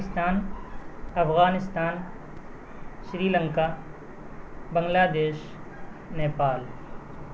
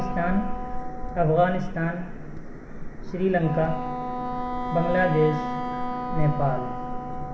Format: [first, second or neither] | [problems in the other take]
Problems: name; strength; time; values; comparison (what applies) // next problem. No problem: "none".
first | background sound (Wind instrument, woodwind instrument); 8 dB below the speech // room echo; dies away in 1.4 s